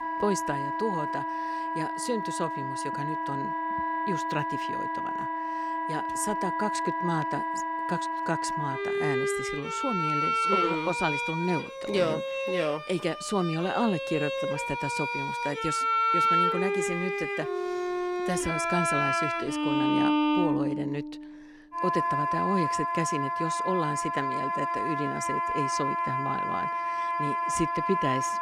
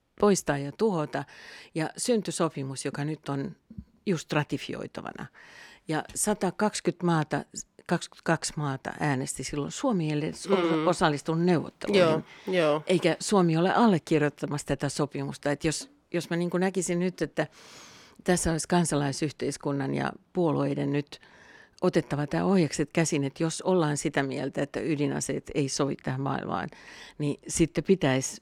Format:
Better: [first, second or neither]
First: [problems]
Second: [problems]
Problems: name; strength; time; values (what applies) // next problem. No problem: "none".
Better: second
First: background music; very loud; throughout; 3 dB above the speech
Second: none